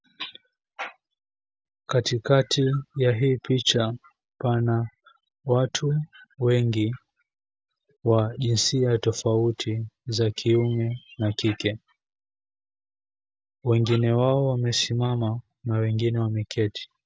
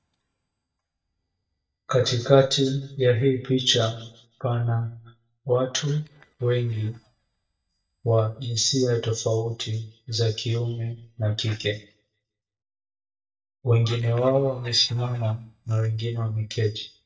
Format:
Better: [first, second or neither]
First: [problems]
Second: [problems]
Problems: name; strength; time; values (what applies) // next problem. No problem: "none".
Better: first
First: none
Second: noise reduction (neural mask model DeepFilterNet 3)